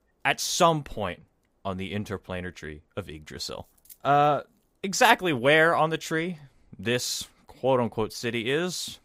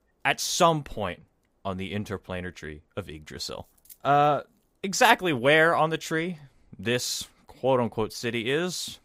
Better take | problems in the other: neither | none

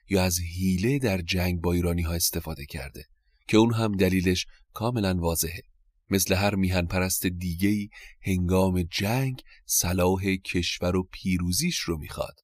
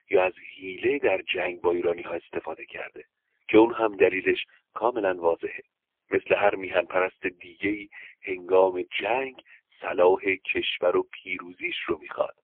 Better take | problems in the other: first | phone-call audio; poor line; nothing above 3.5 kHz

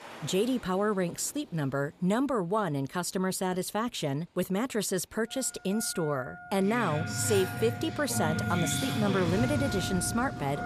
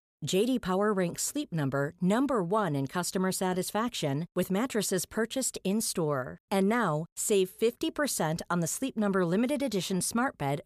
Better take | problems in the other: second | traffic noise; loud; throughout; 4 dB below the speech

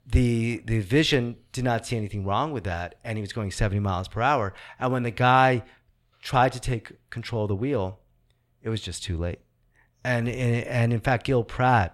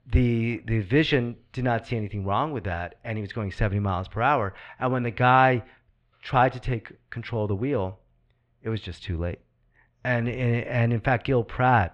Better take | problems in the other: first | muffled; slightly; fading above 2.5 kHz

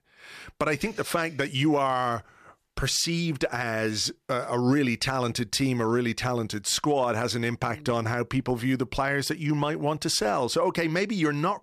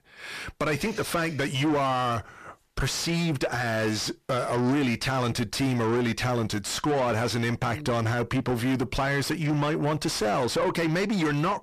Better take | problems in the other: first | distortion; heavy; 7 dB below the speech

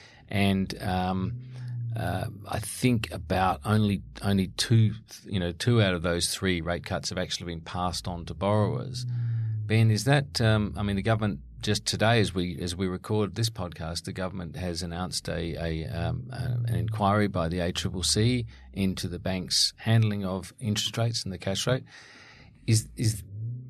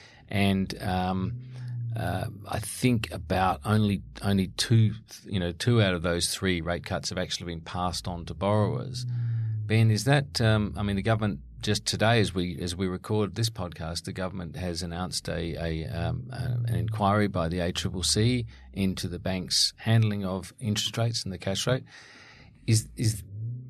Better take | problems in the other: neither | low rumble; noticeable; throughout; 20 dB below the speech; the same in both

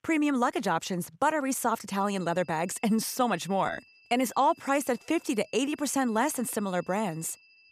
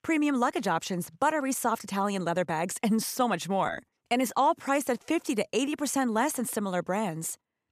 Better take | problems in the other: second | high-pitched whine; faint; from 2 s on; 2.5 kHz, 25 dB below the speech

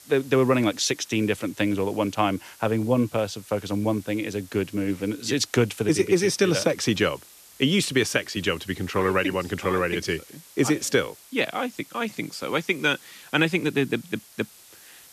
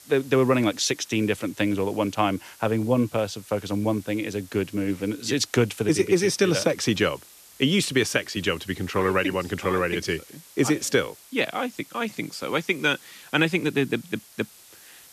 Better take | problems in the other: neither | hiss; faint; throughout; 20 dB below the speech; the same in both

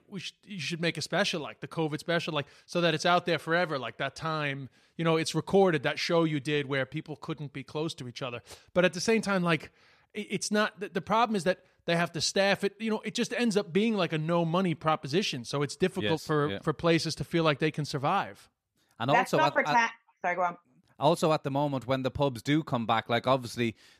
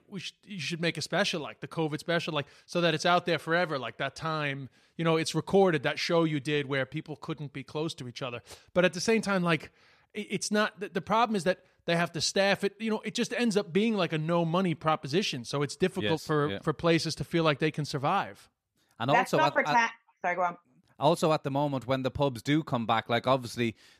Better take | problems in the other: neither | none

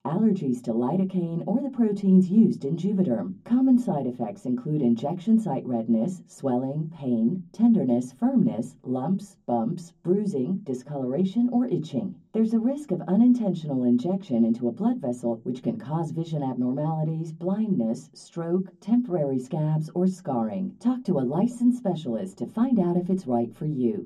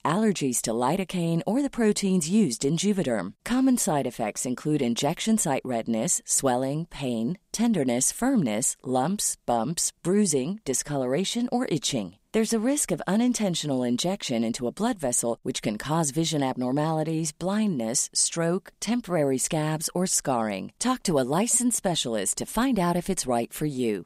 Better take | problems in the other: second | room echo; very slight; dies away in 0.4 s // off-mic speech; far

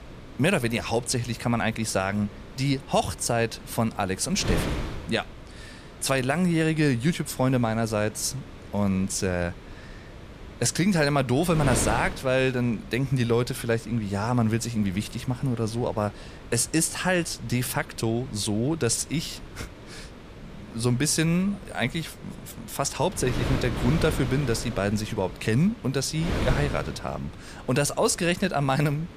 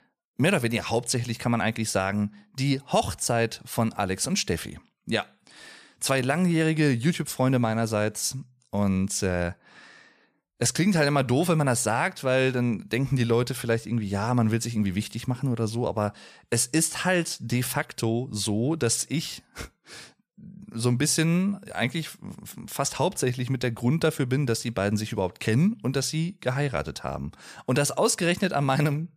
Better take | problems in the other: second | wind noise on the microphone; occasional gusts; 15 dB below the speech

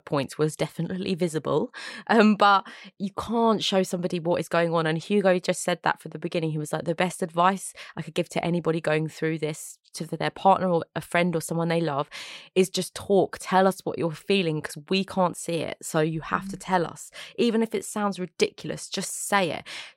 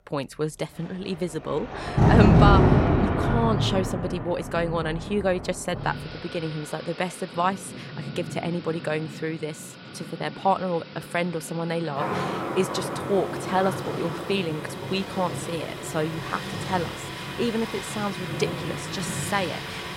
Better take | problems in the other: first | rain or running water; very loud; throughout; 2 dB above the speech

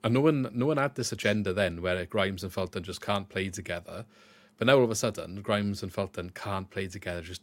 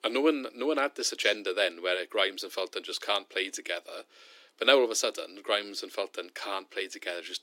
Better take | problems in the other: first | thin; somewhat; fading below 300 Hz

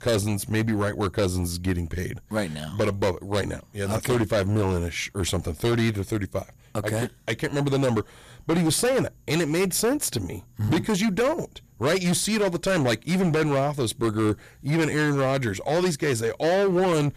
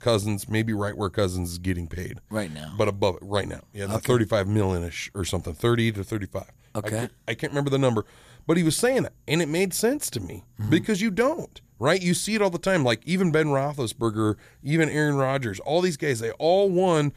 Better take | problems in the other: second | distortion; heavy; 13% of the sound clipped

